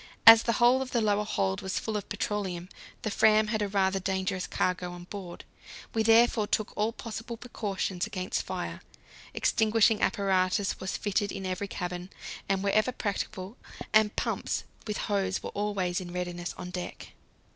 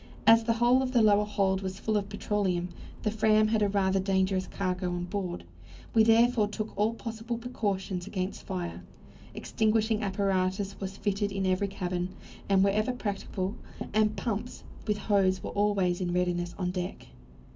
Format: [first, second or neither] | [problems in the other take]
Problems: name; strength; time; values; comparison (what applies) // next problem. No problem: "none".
first | background sound (Accelerating, revving, vroom); 15 dB below the speech // room echo; dies away in 0.3 s